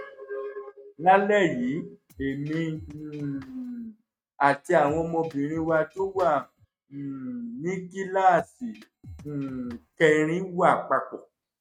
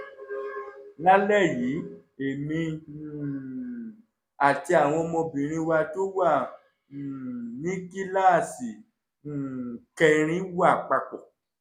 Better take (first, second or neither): second